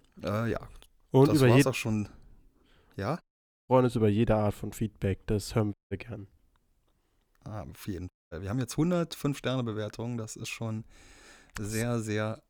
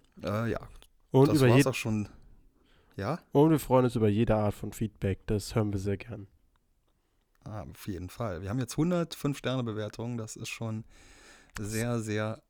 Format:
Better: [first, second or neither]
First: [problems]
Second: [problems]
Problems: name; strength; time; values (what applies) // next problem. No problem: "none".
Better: second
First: audio cutting out; at 3 s, at 5.5 s and at 8 s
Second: none